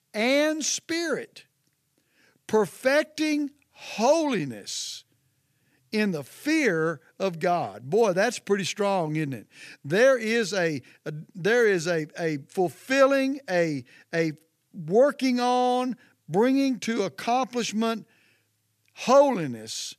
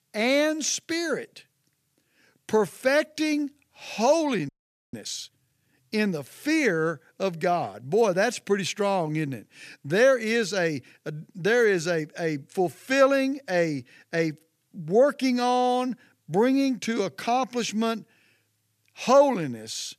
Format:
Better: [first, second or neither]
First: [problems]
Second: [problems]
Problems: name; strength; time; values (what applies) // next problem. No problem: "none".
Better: first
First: none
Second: audio freezing; at 4.5 s